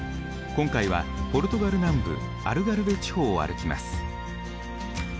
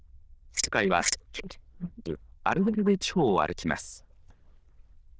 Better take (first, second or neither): first